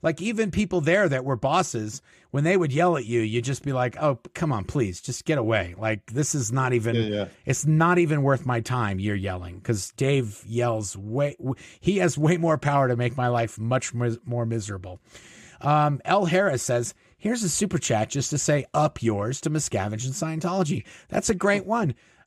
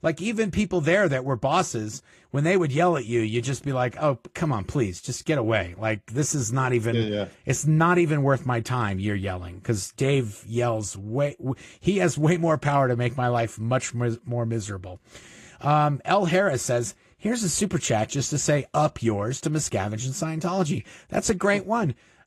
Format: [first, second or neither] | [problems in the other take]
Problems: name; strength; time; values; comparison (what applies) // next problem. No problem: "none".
first | garbled, watery; slightly